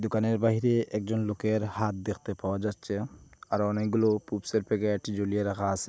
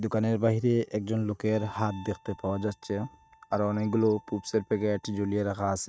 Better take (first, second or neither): first